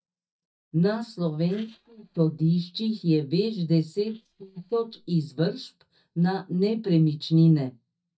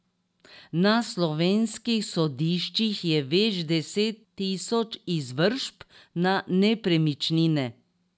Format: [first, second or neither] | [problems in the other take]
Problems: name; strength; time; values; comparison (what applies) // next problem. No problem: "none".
second | noise reduction (neural mask model DeepFilterNet 3)